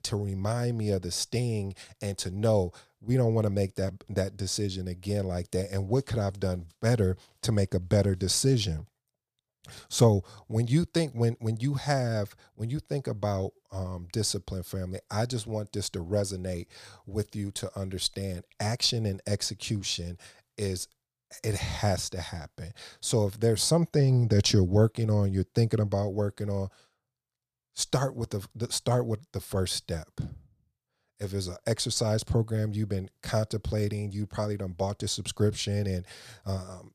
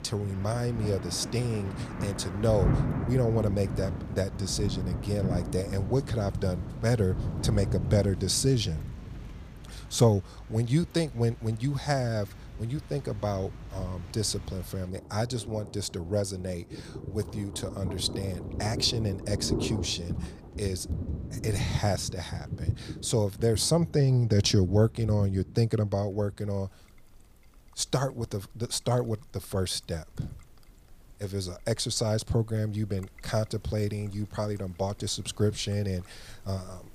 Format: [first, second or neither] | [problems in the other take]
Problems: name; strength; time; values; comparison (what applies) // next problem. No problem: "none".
first | rain or running water; loud; throughout; 7 dB below the speech